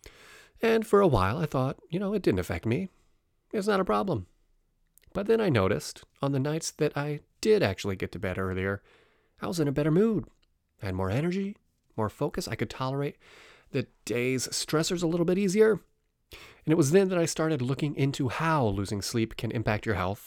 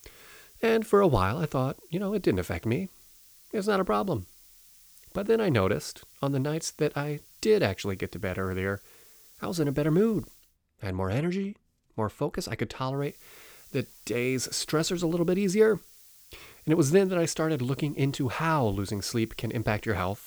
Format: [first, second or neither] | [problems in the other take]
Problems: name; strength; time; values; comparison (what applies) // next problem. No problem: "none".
first | hiss; faint; until 10 s and from 13 s on; 25 dB below the speech